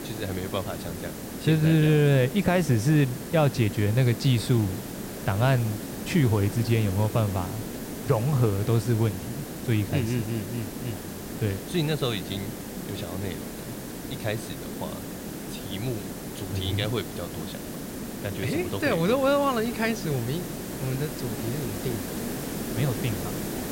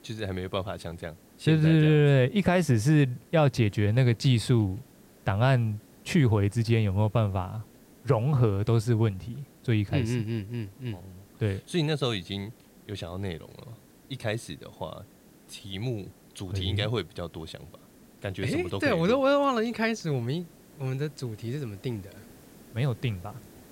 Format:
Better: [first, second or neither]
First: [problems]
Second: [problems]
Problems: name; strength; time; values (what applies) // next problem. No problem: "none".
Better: second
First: hiss; loud; throughout; 9 dB below the speech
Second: hiss; faint; throughout; 25 dB below the speech